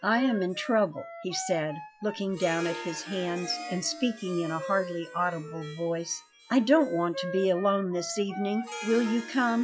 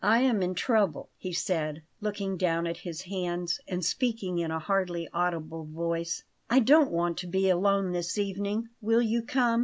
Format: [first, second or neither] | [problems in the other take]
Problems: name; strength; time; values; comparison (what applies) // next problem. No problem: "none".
second | noise reduction (classical method log-MMSE)